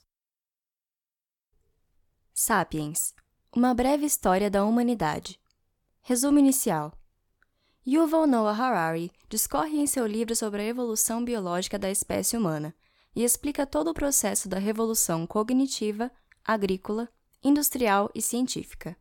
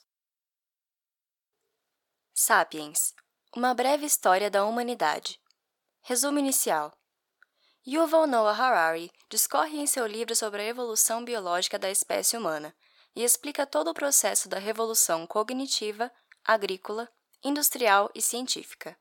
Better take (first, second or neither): first